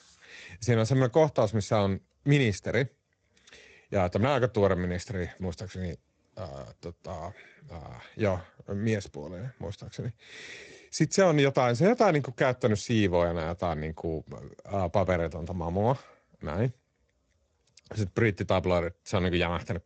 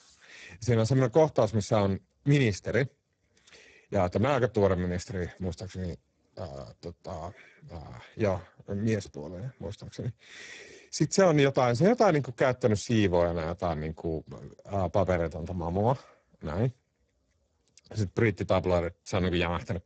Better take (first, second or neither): first